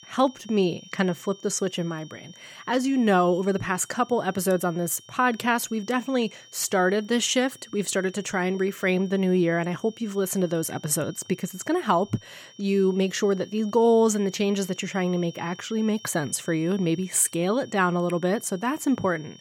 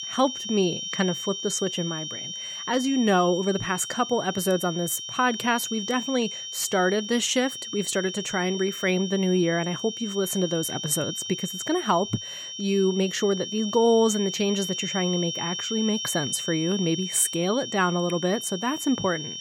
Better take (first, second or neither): first